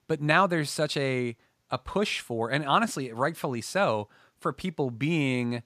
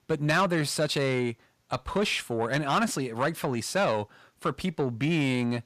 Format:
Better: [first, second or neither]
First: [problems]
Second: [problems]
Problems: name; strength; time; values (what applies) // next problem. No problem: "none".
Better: first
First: none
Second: distortion; slight; 10 dB below the speech